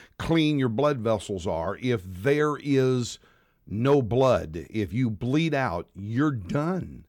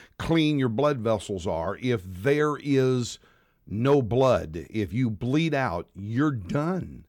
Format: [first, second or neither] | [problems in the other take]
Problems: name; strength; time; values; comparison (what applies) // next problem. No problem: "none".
neither | none